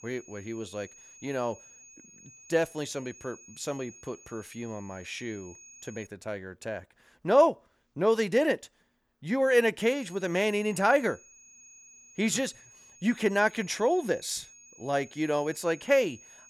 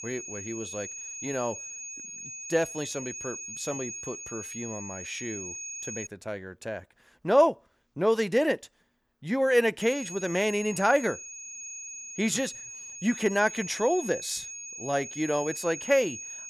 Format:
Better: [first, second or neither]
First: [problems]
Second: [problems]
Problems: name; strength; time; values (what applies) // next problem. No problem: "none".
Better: first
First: high-pitched whine; faint; until 6 s and from 10 s on; 6.5 kHz, 20 dB below the speech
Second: high-pitched whine; loud; until 6 s and from 10 s on; 6.5 kHz, 9 dB below the speech